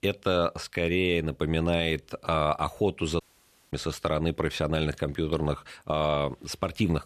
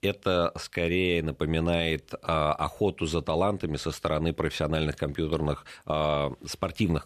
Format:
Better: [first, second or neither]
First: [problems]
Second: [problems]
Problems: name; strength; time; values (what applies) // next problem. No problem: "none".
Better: second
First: audio cutting out; at 3 s for 0.5 s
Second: none